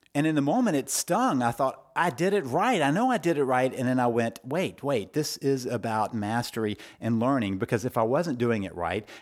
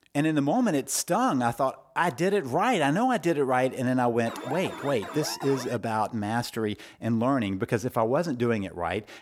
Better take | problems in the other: first | alarm; noticeable; from 4.5 to 6 s; peak 10 dB below the speech

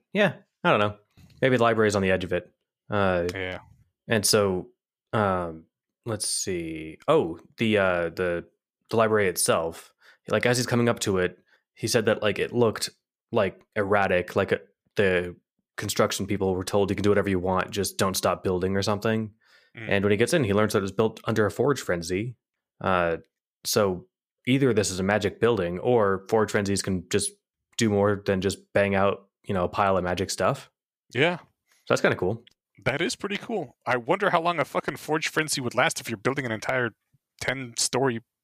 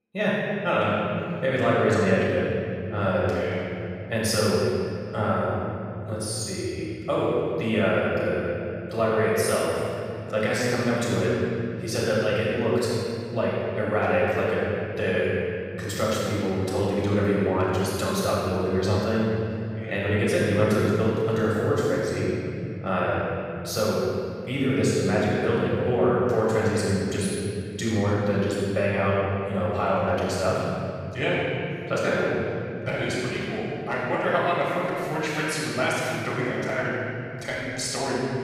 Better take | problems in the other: first | off-mic speech; far // room echo; strong; dies away in 3 s

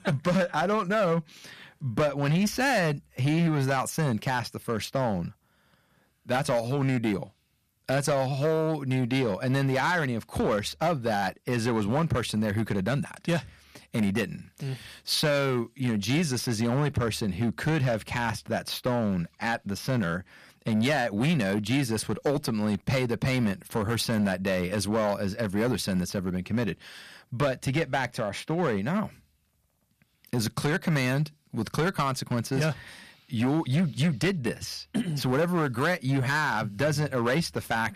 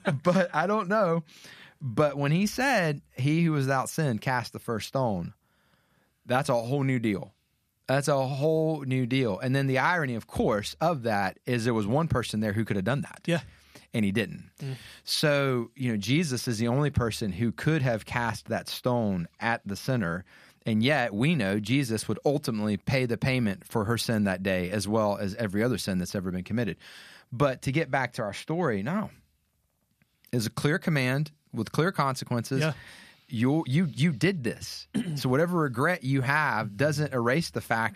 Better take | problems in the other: second | distortion; slight; 8% of the sound clipped

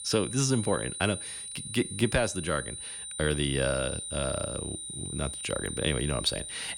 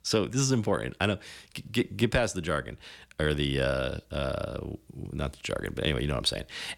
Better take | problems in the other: second | high-pitched whine; loud; throughout; 9 kHz, 6 dB below the speech

